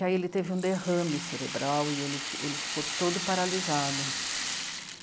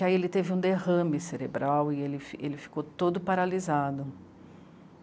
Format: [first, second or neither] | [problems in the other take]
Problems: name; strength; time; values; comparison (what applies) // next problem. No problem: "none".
second | background sound (Rattle (instrument)); 4 dB below the speech